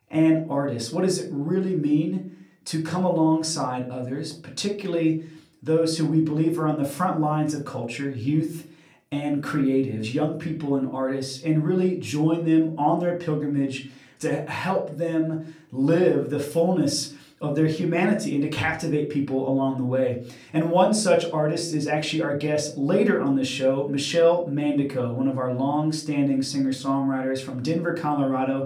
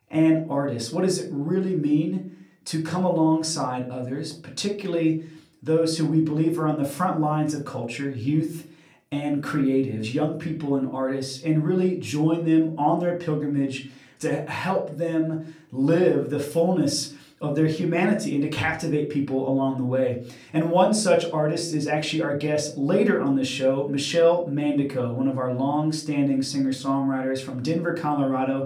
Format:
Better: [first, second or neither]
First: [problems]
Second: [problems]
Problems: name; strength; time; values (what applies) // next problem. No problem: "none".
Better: neither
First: off-mic speech; far // room echo; very slight; dies away in 0.3 s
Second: off-mic speech; far // room echo; very slight; dies away in 0.3 s